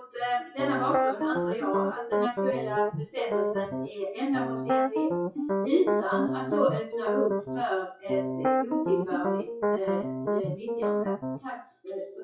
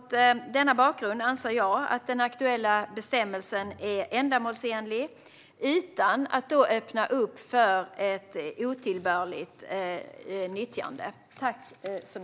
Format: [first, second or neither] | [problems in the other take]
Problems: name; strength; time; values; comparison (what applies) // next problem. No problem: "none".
second | noise reduction (classical method WPE with log-MMSE)